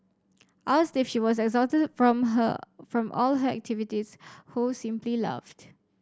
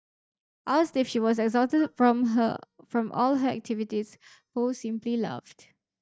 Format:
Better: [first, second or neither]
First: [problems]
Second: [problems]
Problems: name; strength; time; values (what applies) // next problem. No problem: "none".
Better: first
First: none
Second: noise reduction (neural mask model DeepFilterNet 3)